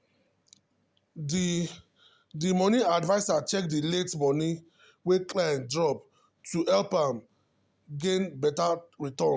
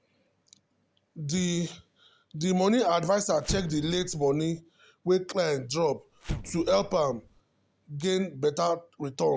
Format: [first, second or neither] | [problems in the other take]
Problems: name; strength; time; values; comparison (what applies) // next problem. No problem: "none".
first | background sound (Explosion); 12 dB below the speech